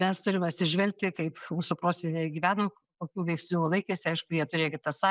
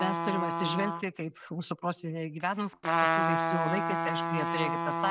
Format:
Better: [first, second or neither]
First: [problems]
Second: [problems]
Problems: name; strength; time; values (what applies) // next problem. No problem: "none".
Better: first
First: none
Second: background sound (Trumpet); 2 dB above the speech